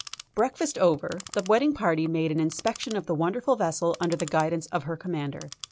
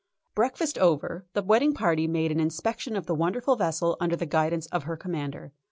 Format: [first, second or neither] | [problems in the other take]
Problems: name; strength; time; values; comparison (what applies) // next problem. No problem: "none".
second | background sound (Clock); 19 dB below the speech